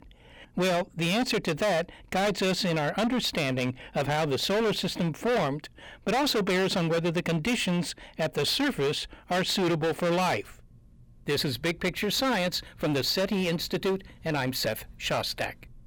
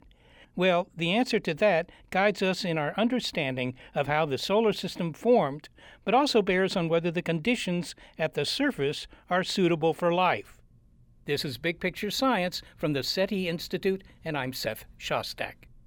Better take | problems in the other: second | distortion; heavy; 20% of the sound clipped

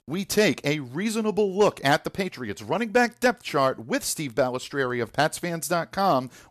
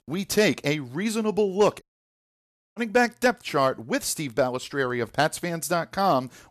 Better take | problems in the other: first | audio cutting out; at 2 s for 1 s

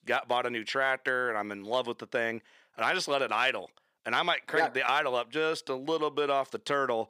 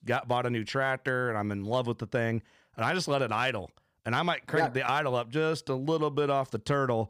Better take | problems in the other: second | thin; somewhat; fading below 350 Hz

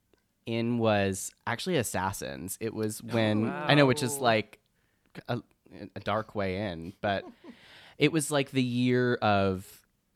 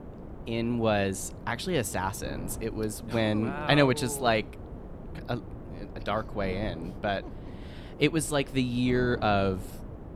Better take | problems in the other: first | wind noise on the microphone; occasional gusts; 20 dB below the speech

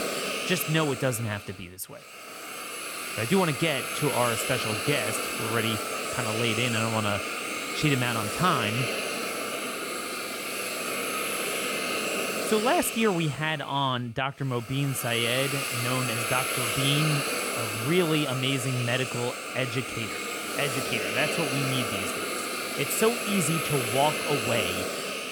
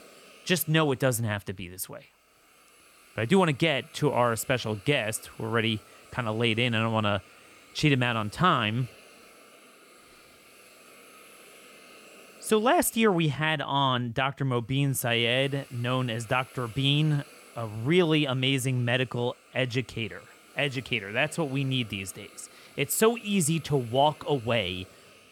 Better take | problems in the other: second | hiss; loud; throughout; 1 dB below the speech; faint in the second

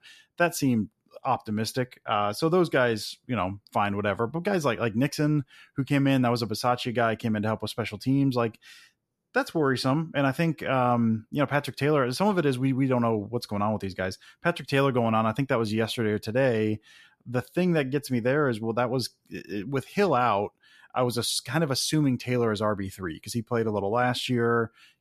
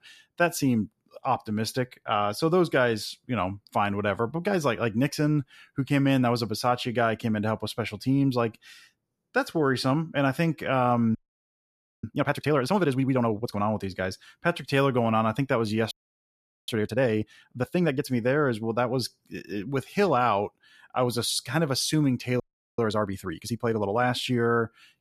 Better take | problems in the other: first | audio freezing; at 11 s for 1 s, at 16 s for 1 s and at 22 s

